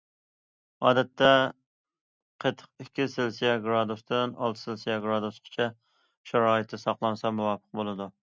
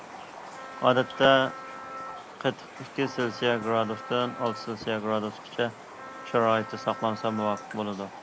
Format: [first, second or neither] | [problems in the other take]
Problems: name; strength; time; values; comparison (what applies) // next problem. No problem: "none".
first | background sound (Raindrop + Wind instrument, woodwind instrument); 12 dB below the speech